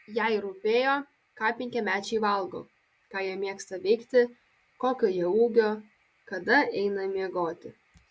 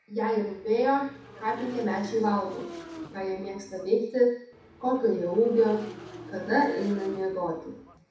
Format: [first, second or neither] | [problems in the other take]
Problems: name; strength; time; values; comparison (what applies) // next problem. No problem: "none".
first | background sound (Motorcycle / Engine); 16 dB below the speech // room echo; dies away in 0.7 s